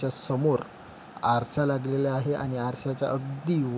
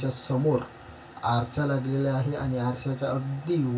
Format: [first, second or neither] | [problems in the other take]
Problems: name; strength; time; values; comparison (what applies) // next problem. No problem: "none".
first | room echo; dies away in 0.2 s